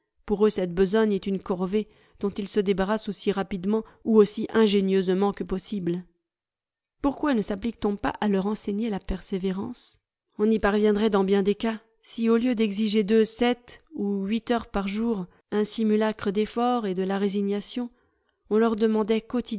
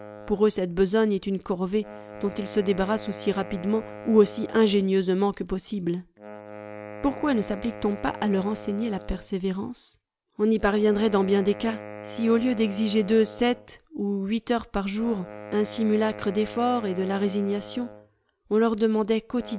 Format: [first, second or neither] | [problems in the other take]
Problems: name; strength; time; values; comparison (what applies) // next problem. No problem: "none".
first | background sound (Wind instrument, woodwind instrument); 16 dB below the speech